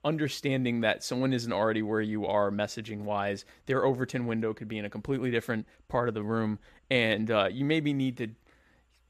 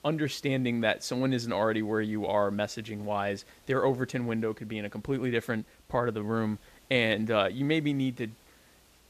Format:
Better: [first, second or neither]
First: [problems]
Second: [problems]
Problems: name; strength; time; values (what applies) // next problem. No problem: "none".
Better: first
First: none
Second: hiss; faint; throughout; 30 dB below the speech